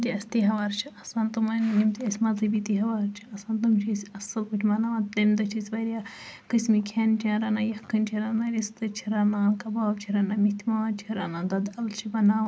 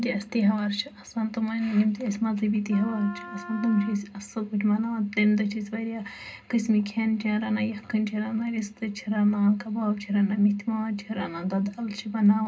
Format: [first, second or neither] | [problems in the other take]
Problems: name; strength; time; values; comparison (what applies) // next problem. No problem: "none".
first | background sound (Wind instrument, woodwind instrument); 16 dB below the speech // room echo; dies away in 0.2 s